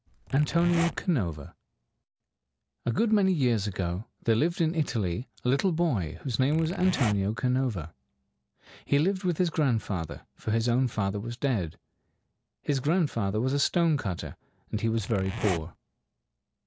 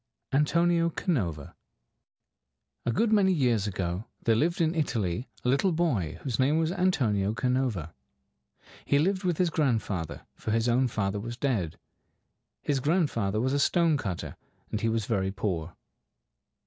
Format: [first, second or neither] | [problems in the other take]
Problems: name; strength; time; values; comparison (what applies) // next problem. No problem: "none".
second | background sound (Zipper (clothing)); 9 dB below the speech